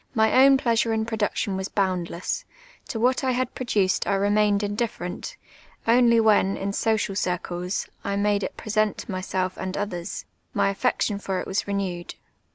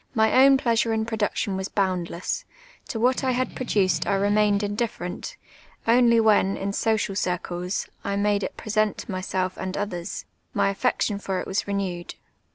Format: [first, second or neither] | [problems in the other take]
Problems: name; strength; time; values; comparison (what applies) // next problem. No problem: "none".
first | background sound (Strum); 15 dB below the speech